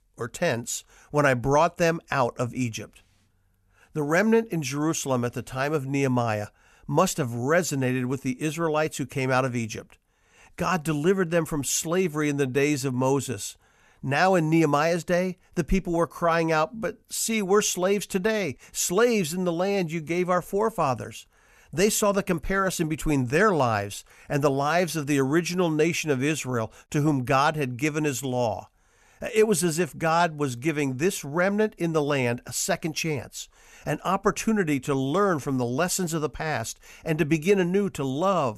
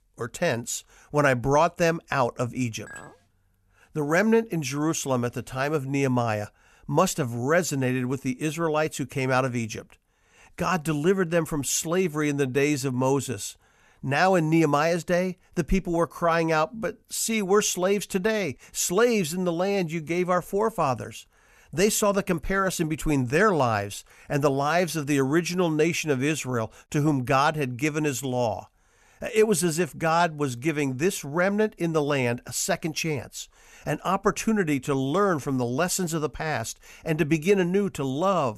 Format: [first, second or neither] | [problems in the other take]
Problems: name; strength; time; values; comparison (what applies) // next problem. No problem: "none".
first | clattering dishes; faint; at 3 s; peak 15 dB below the speech